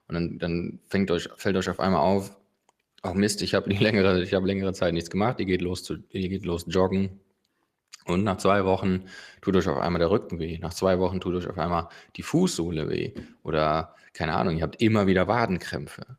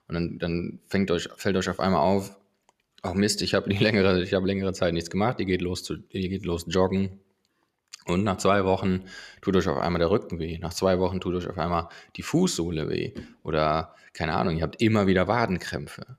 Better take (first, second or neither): second